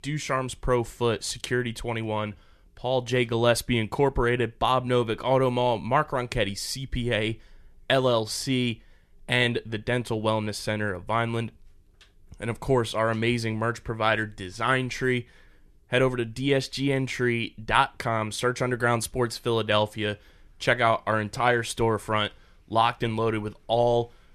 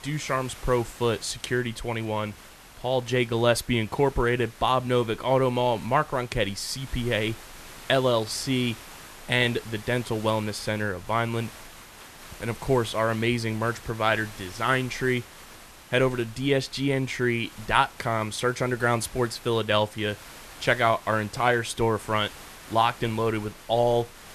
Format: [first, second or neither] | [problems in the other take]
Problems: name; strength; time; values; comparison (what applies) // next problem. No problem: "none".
first | hiss; noticeable; throughout; 20 dB below the speech